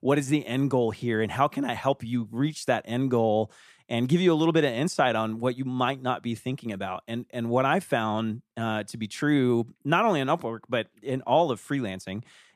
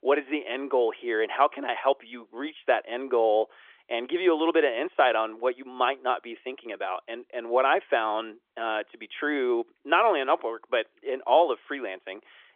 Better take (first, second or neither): first